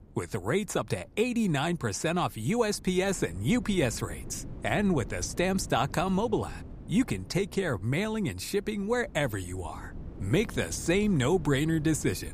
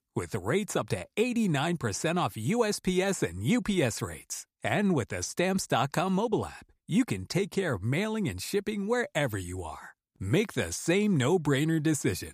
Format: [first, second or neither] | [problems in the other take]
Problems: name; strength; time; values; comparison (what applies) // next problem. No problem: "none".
second | wind noise on the microphone; occasional gusts; 20 dB below the speech